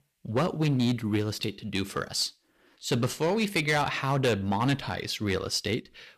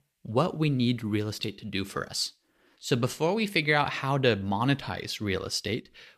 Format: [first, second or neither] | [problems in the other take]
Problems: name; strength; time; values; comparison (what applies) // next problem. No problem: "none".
second | distortion; slight; 6% of the sound clipped